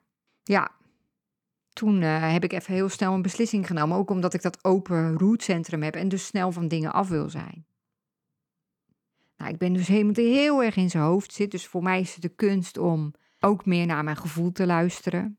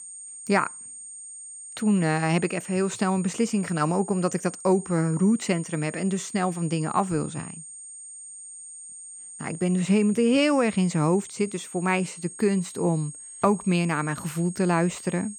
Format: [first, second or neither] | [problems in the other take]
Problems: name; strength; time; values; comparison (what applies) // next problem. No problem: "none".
first | high-pitched whine; noticeable; throughout; 8.5 kHz, 15 dB below the speech